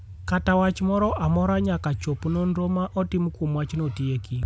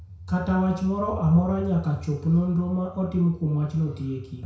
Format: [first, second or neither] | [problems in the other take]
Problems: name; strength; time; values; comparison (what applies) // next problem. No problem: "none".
first | room echo; dies away in 0.6 s